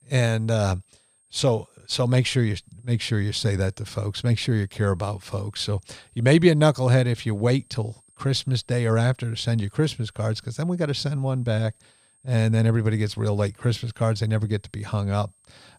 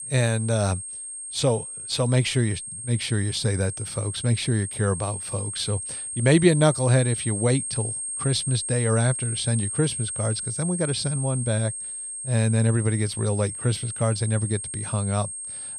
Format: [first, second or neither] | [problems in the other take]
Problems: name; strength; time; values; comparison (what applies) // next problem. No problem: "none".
first | high-pitched whine; loud; throughout; 8.5 kHz, 5 dB below the speech; faint in the first